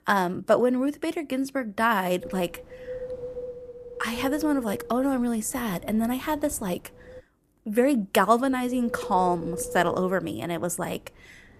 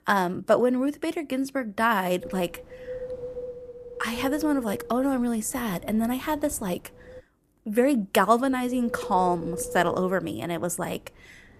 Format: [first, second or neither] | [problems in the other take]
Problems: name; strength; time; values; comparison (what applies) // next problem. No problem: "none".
neither | wind noise on the microphone; occasional gusts; from 2 to 7 s and from 8.5 s on; 10 dB below the speech; the same in both